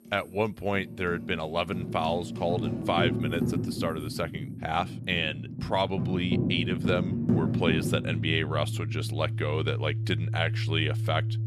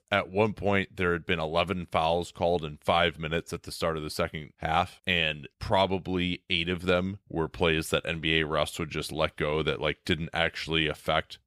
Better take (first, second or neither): second